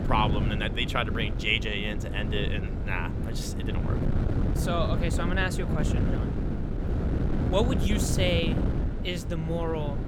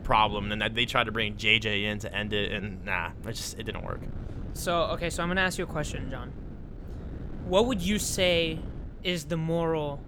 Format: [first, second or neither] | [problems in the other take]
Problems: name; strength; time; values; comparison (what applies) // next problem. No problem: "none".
second | wind noise on the microphone; heavy; 7 dB below the speech; occasional gusts in the second